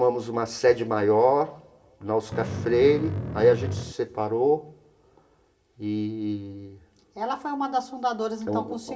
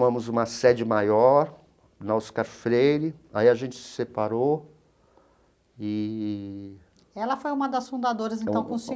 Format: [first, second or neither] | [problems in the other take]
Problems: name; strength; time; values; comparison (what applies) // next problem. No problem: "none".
second | background sound (Bass guitar); 5 dB below the speech // room echo; dies away in 0.7 s